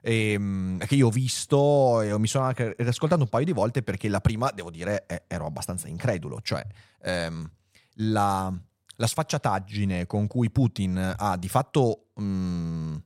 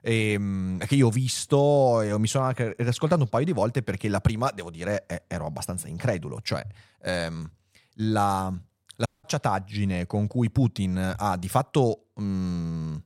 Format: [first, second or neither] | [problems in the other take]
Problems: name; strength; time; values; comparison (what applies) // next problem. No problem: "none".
first | audio cutting out; at 9 s